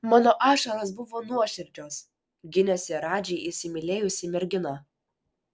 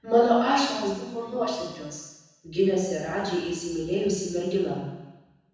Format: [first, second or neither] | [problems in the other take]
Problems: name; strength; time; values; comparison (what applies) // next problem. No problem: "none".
first | room echo; dies away in 1.1 s